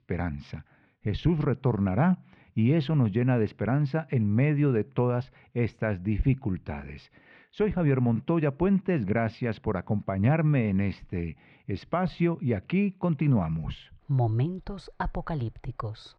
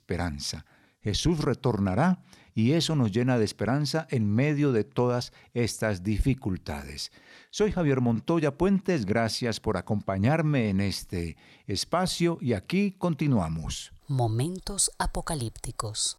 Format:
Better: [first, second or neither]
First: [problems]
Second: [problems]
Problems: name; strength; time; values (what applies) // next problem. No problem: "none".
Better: second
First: muffled; very; fading above 2.5 kHz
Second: none